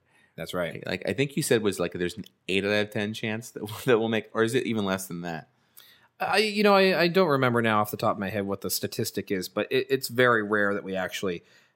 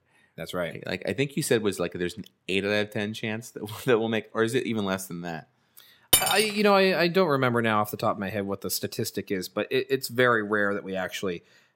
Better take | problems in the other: first | clattering dishes; loud; at 6 s; peak 6 dB above the speech

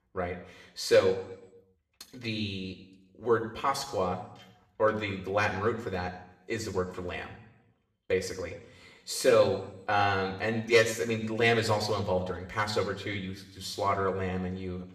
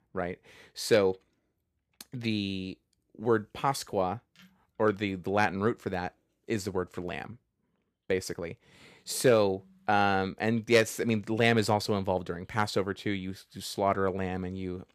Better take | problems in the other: second | room echo; slight; dies away in 0.7 s // off-mic speech; somewhat distant

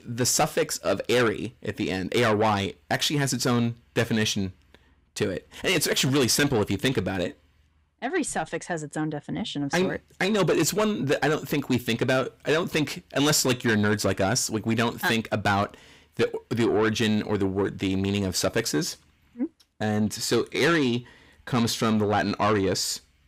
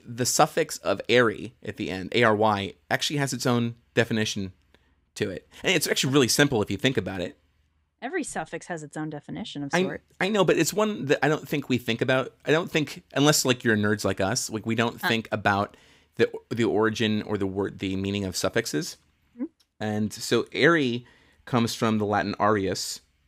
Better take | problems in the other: second | distortion; heavy; 8 dB below the speech

